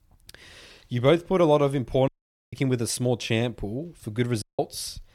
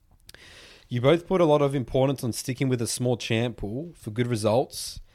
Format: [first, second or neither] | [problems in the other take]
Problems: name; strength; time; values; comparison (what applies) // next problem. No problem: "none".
second | audio cutting out; at 2 s and at 4.5 s